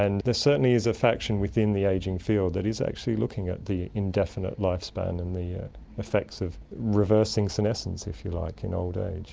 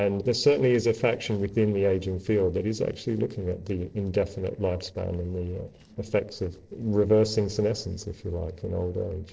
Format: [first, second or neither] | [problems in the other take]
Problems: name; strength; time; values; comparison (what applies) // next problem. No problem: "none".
first | noise reduction (neural separator model SepFormer DNS4)